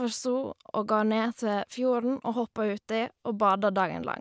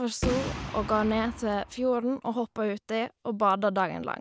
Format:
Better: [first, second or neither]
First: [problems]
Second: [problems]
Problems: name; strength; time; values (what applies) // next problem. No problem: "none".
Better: first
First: none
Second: background sound (Boom); 8 dB below the speech